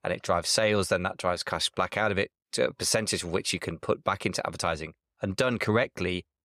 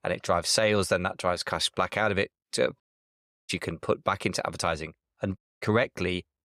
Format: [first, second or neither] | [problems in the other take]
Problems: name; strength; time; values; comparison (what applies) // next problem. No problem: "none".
first | audio cutting out; at 3 s for 0.5 s and at 5.5 s